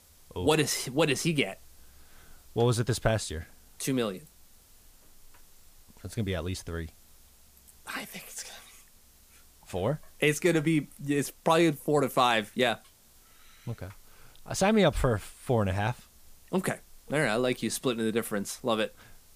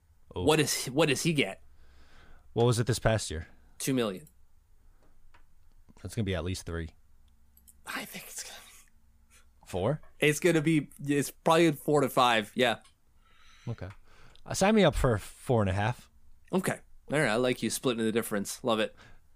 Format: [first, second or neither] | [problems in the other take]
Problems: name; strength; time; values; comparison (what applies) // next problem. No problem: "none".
second | hiss; faint; throughout; 30 dB below the speech